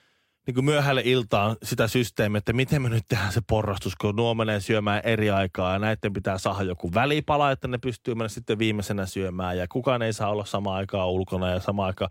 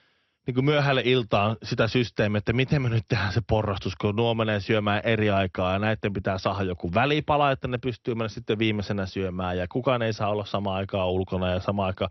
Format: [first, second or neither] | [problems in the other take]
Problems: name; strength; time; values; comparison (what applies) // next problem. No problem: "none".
first | garbled, watery; slightly; nothing above 6 kHz